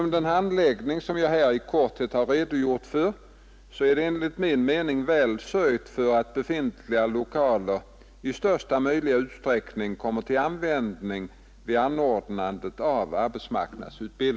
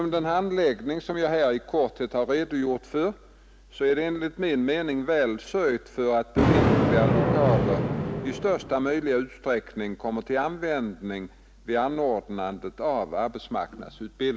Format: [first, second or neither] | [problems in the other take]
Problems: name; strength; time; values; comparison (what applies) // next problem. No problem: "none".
first | background sound (Thunder); 4 dB below the speech